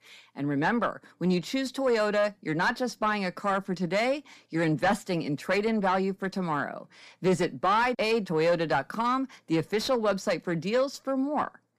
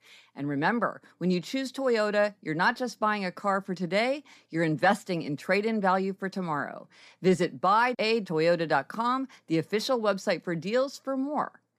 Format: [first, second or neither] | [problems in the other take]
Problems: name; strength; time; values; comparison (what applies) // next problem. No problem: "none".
second | distortion; slight; 10 dB below the speech